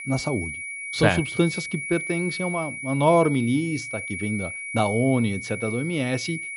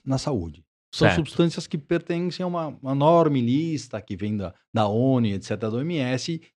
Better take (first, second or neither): second